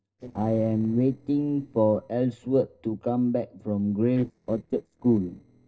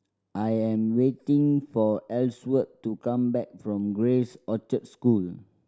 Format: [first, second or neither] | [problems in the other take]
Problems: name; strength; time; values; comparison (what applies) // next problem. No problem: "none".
second | noise reduction (neural separator model SepFormer DNS4)